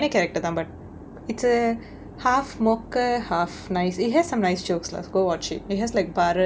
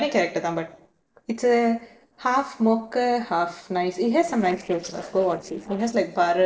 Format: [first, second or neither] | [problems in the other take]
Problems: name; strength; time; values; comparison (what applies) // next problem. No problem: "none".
first | noise reduction (neural separator model SepFormer DNS4)